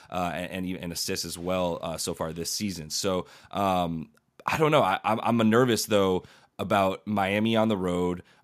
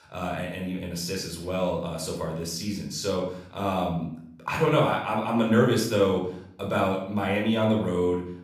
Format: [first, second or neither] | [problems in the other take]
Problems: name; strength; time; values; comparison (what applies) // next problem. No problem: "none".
first | off-mic speech; somewhat distant // room echo; noticeable; dies away in 0.6 s